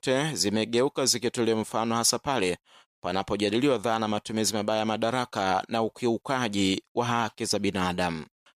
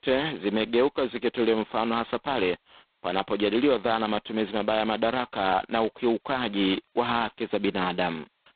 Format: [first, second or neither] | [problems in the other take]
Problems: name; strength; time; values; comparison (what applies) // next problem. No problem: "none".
first | phone-call audio; poor line; nothing above 4 kHz